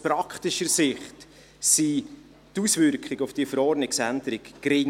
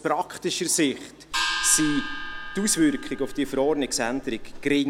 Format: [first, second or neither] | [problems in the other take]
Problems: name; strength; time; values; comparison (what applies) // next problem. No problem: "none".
first | background sound (Gong); 6 dB below the speech